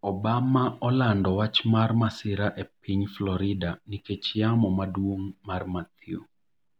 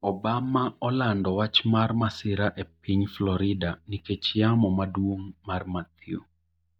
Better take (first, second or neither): first